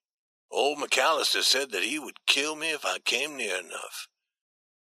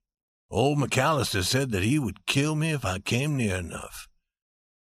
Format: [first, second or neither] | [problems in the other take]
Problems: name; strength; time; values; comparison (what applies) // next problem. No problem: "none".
second | thin; very; fading below 400 Hz